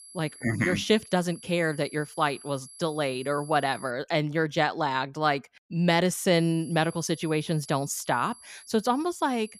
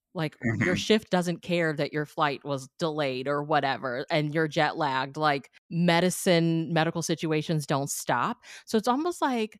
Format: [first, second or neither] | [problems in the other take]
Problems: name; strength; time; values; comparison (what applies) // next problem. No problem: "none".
second | high-pitched whine; noticeable; until 4 s and from 6.5 s on; 11 kHz, 20 dB below the speech